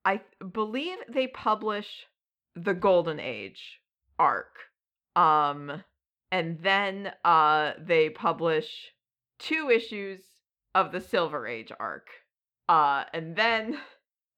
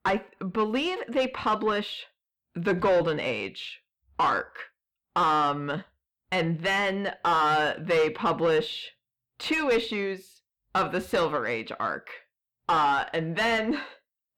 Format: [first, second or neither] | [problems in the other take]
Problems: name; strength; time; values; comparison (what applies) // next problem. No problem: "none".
first | distortion; heavy; 6 dB below the speech